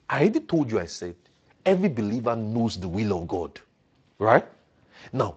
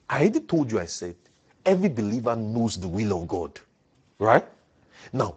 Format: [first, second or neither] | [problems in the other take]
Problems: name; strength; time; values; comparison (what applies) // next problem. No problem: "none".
first | garbled, watery; badly; nothing above 7.5 kHz; slightly in the first